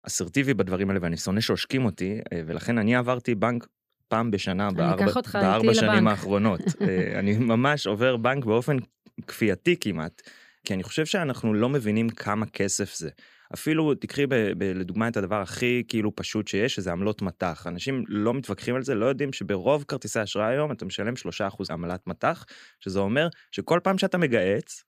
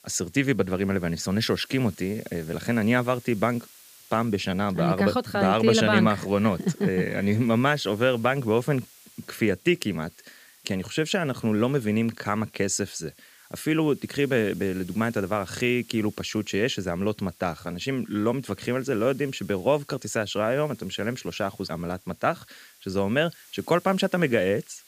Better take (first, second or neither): first